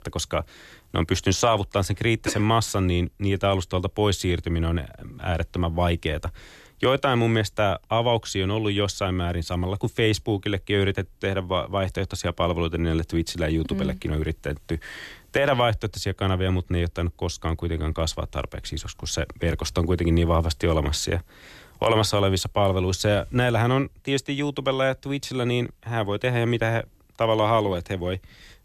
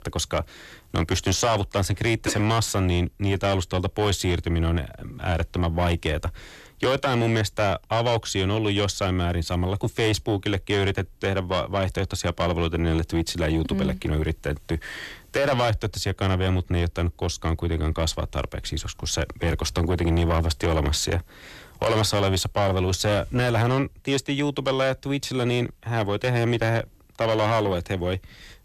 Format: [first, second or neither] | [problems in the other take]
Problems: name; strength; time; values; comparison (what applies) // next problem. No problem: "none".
first | distortion; slight; 10 dB below the speech